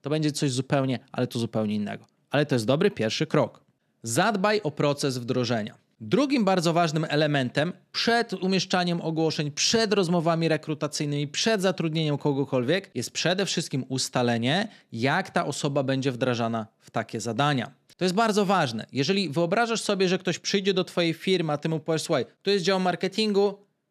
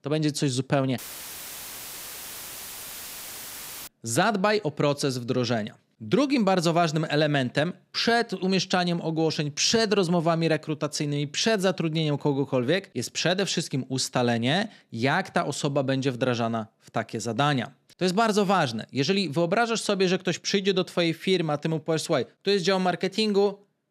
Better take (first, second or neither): first